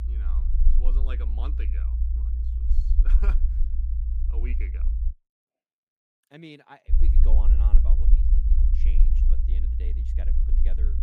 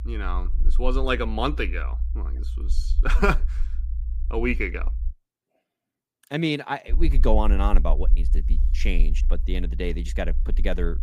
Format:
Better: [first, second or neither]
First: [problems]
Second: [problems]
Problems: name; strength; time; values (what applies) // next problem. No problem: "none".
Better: second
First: low rumble; loud; until 5 s and from 7 s on; 1 dB below the speech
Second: low rumble; faint; until 5 s and from 7 s on; 20 dB below the speech